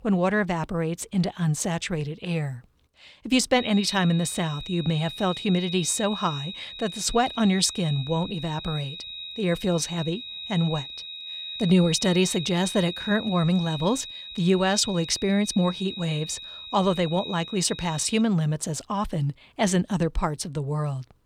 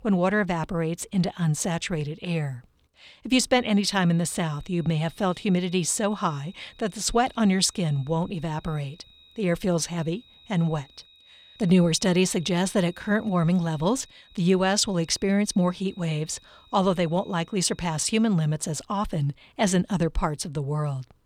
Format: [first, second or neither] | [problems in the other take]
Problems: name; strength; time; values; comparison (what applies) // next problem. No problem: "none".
second | high-pitched whine; loud; from 3.5 to 18 s; 4 kHz, 10 dB below the speech; faint in the second